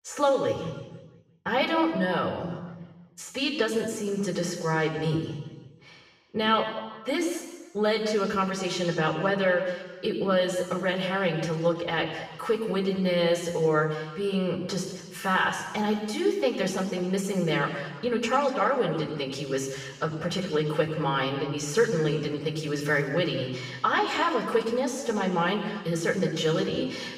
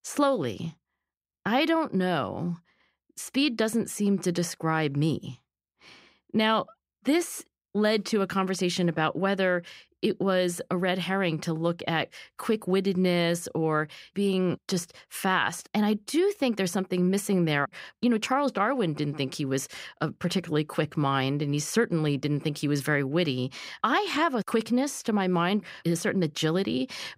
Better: second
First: room echo; noticeable; dies away in 1.3 s // off-mic speech; far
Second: none

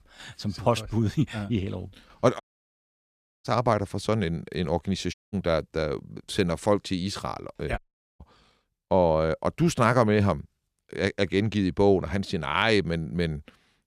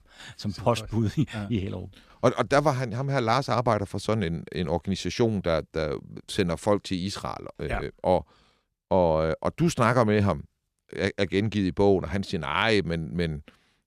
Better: second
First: audio cutting out; at 2.5 s for 1 s, at 5 s and at 8 s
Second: none

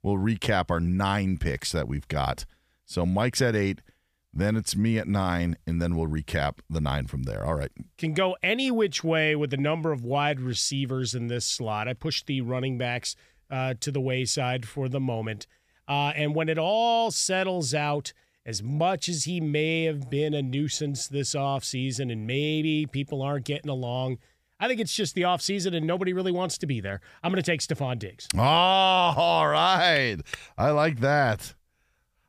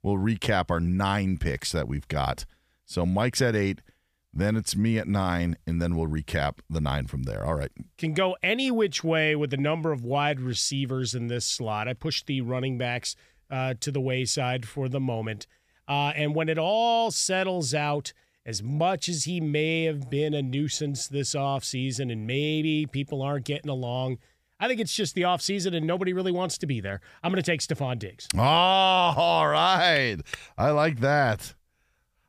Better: neither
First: none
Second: none

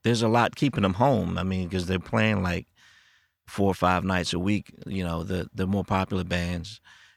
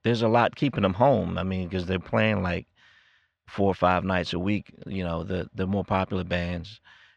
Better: first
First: none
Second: muffled; slightly; fading above 3.5 kHz

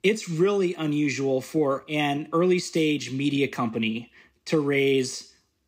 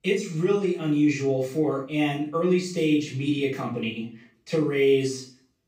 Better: first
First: none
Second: room echo; slight; dies away in 0.3 s // off-mic speech; far

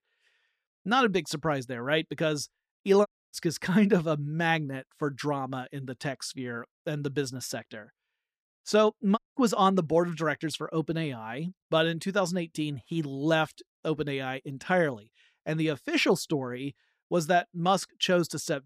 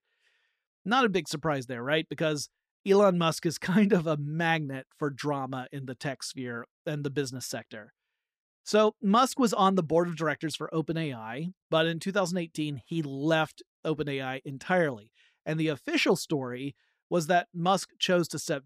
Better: second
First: audio cutting out; at 3 s and at 9 s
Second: none

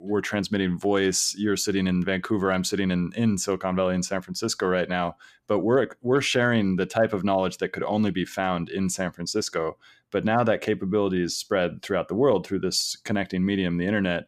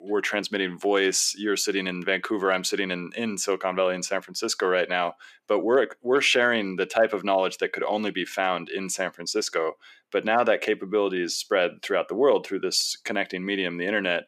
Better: first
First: none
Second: thin; somewhat; fading below 400 Hz

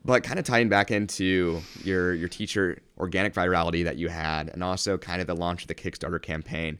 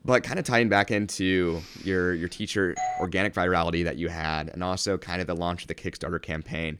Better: first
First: none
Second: doorbell; noticeable; at 3 s; peak 4 dB below the speech

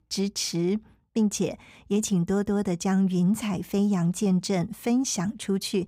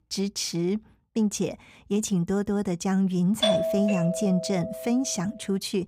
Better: first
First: none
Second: doorbell; loud; from 3.5 to 5 s; peak 3 dB above the speech

